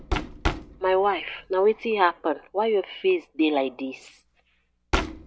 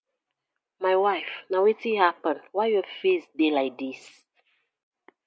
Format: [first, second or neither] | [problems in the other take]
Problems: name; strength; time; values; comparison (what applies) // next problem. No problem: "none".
second | background sound (Knock); 8 dB below the speech